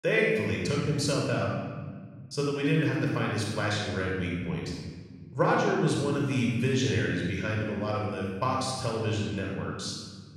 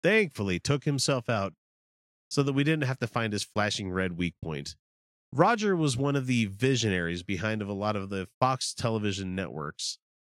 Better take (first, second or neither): second